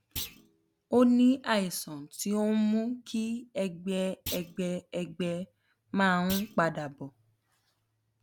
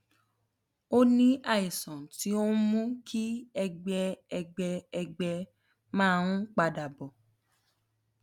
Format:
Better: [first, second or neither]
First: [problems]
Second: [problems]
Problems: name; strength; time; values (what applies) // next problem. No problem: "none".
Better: second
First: background sound (Thump, thud); 15 dB below the speech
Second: none